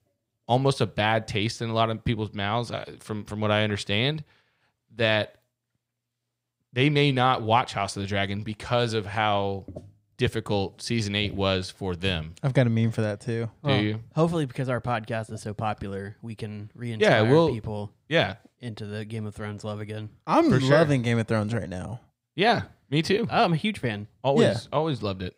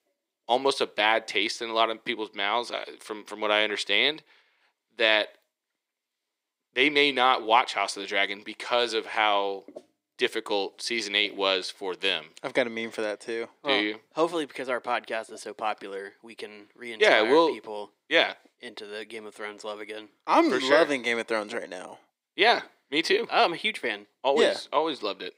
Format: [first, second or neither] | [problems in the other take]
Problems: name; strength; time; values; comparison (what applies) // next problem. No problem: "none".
first | thin; somewhat; fading below 350 Hz